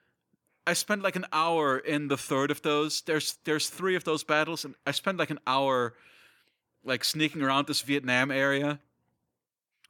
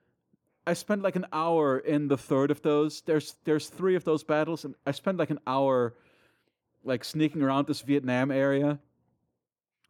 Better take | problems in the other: first | muffled; slightly; fading above 1 kHz

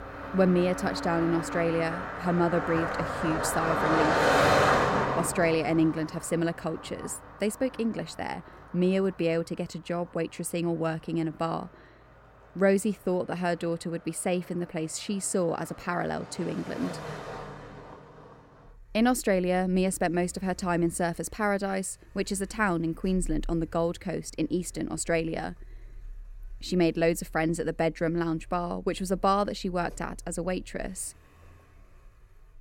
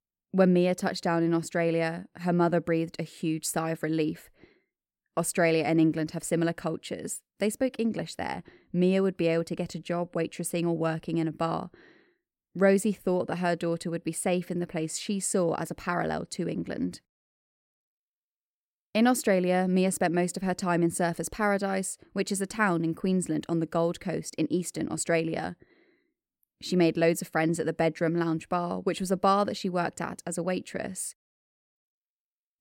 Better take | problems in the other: second | traffic noise; loud; throughout; 1 dB below the speech

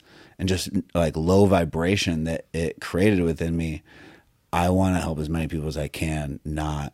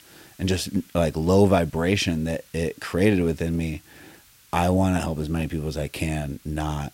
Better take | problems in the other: first | hiss; faint; throughout; 25 dB below the speech

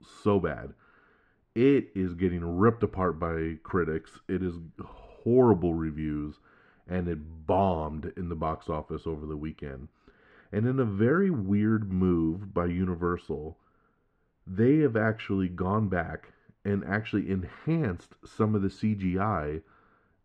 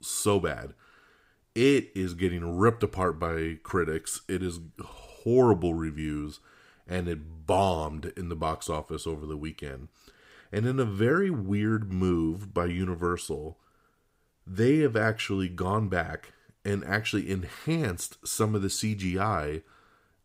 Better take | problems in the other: second | muffled; very; fading above 2 kHz

